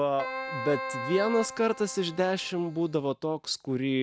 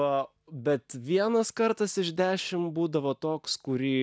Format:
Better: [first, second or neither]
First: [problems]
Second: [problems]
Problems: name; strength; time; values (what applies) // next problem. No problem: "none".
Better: second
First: background sound (Keyboard (musical)); 9 dB below the speech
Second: none